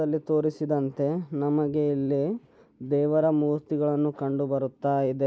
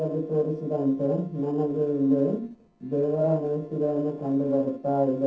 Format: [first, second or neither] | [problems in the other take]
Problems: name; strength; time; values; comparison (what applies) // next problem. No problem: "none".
first | noise reduction (neural separator model SepFormer DNS4)